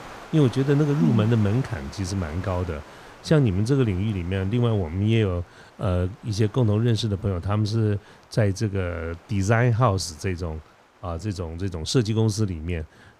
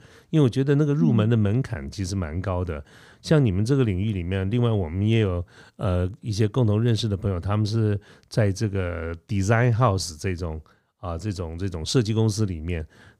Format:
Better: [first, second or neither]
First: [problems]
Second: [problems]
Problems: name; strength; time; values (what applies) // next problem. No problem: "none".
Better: second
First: rain or running water; faint; throughout; 20 dB below the speech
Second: none